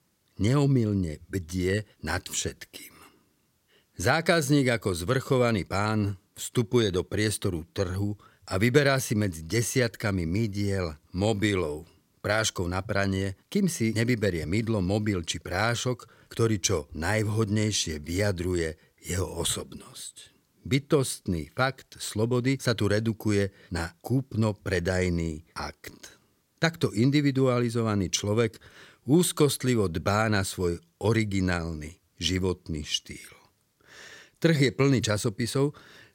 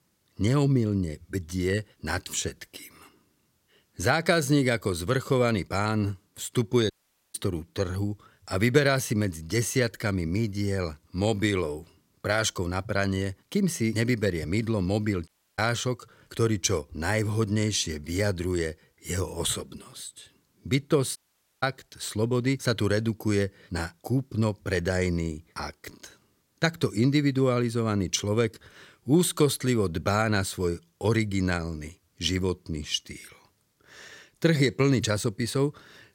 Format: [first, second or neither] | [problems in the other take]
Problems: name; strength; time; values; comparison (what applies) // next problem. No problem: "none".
first | audio cutting out; at 7 s, at 15 s and at 21 s